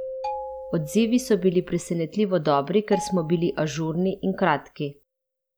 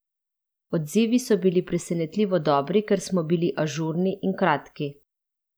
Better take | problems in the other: second | background sound (Keyboard (musical) + Marimba, xylophone); 14 dB below the speech

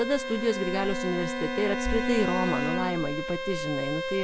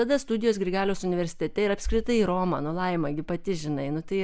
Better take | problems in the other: second | background sound (Bowed string instrument + Bowed string instrument); 2 dB below the speech

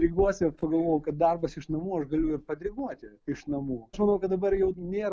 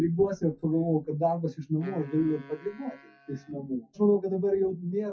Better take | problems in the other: first | noise reduction (classical method WPE with log-MMSE)

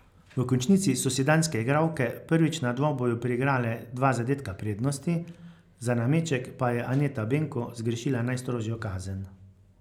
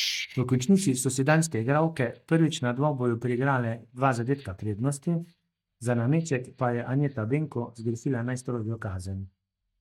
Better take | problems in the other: first | noise reduction (neural mask model DeepFilterNet 3)

